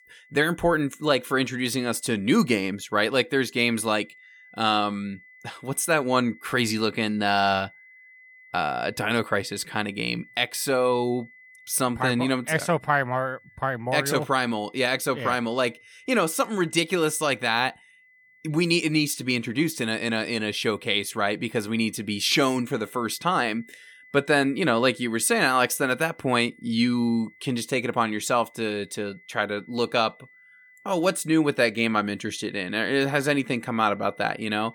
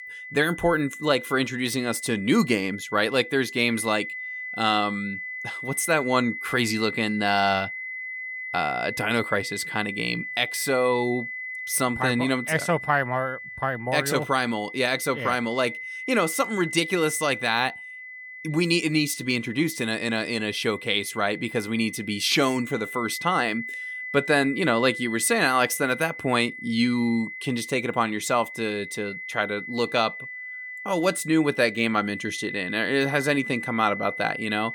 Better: first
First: high-pitched whine; faint; throughout; 2 kHz, 25 dB below the speech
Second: high-pitched whine; loud; throughout; 2 kHz, 9 dB below the speech

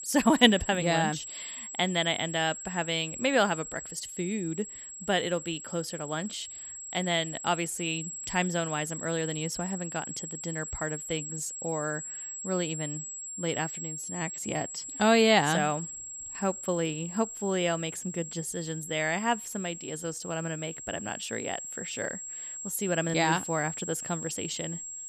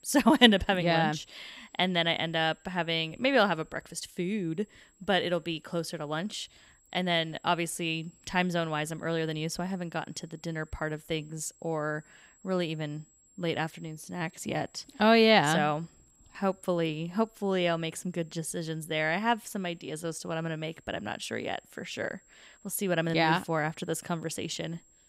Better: second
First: high-pitched whine; loud; throughout; 7.5 kHz, 7 dB below the speech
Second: high-pitched whine; faint; throughout; 7.5 kHz, 30 dB below the speech

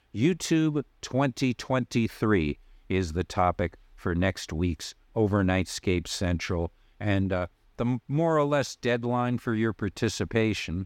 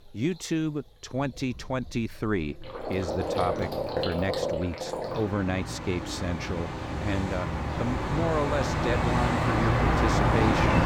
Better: first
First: none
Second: rain or running water; very loud; throughout; 3 dB above the speech

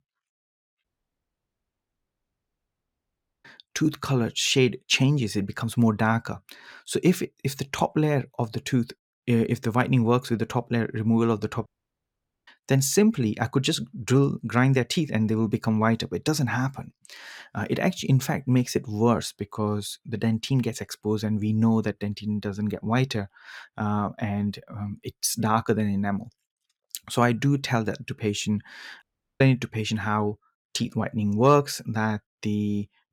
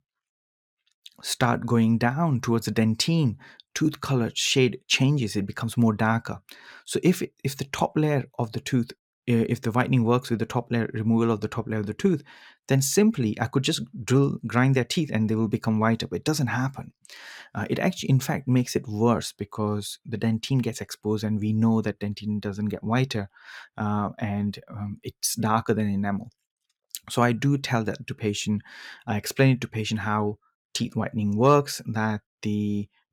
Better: second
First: audio cutting out; at 1 s for 2.5 s, at 12 s for 1 s and at 29 s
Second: none

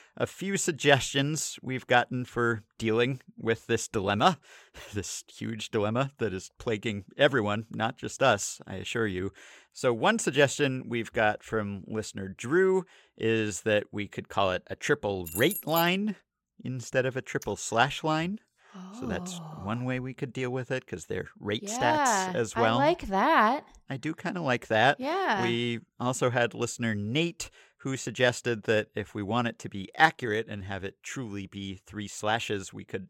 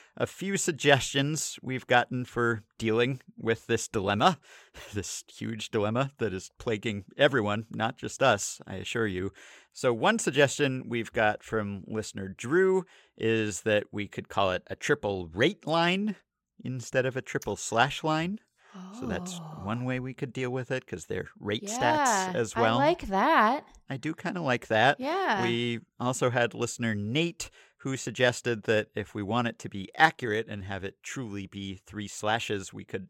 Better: second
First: jangling keys; noticeable; at 15 s; peak 5 dB below the speech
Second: none

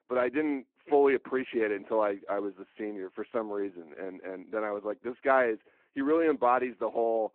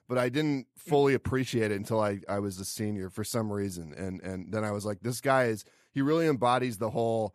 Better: second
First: phone-call audio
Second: none

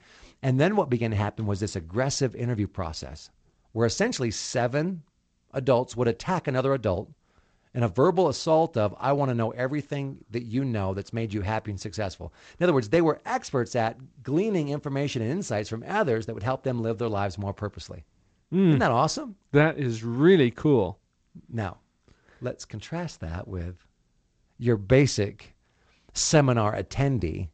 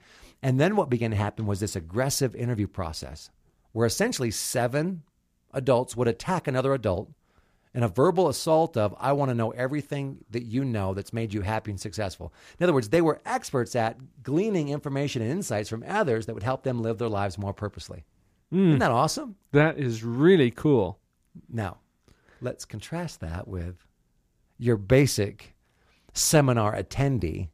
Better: second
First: garbled, watery; slightly; nothing above 7.5 kHz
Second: none

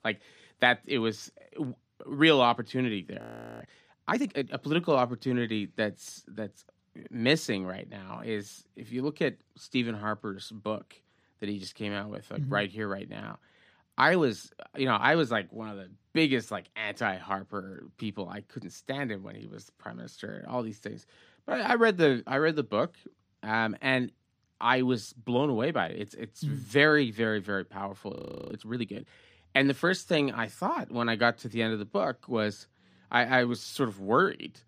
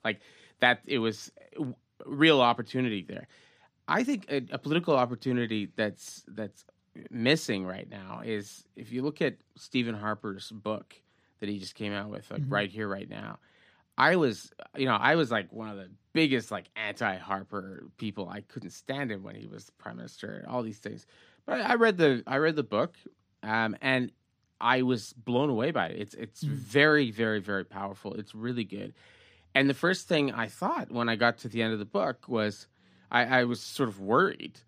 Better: second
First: audio freezing; at 3 s and at 28 s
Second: none

